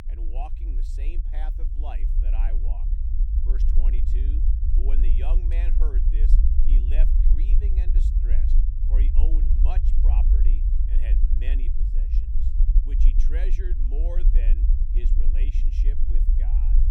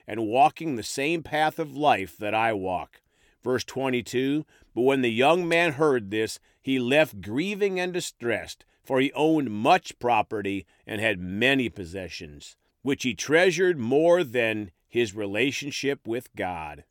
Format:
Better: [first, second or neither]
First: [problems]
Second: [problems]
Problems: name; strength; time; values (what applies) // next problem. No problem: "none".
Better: second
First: low rumble; loud; throughout; 2 dB below the speech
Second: none